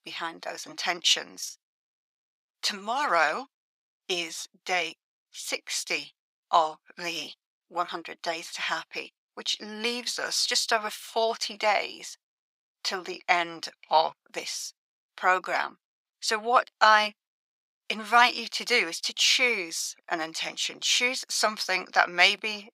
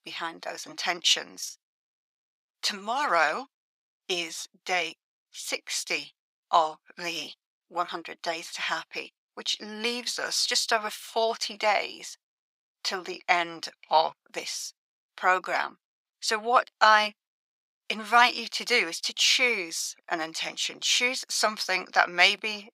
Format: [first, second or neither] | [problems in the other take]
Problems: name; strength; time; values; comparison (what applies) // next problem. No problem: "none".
neither | thin; very; fading below 850 Hz; the same in both